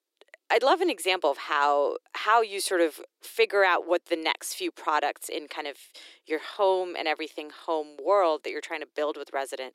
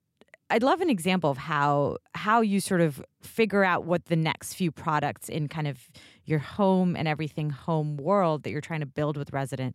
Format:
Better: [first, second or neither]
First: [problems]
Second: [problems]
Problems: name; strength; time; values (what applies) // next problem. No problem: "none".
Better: second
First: thin; very; fading below 350 Hz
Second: none